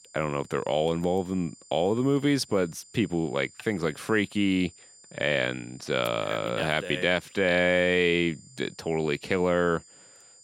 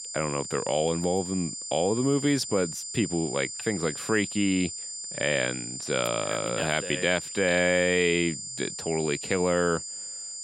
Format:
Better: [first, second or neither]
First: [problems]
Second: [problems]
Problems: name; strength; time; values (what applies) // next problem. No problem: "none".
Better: first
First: high-pitched whine; faint; throughout; 7 kHz, 25 dB below the speech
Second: high-pitched whine; loud; throughout; 7 kHz, 7 dB below the speech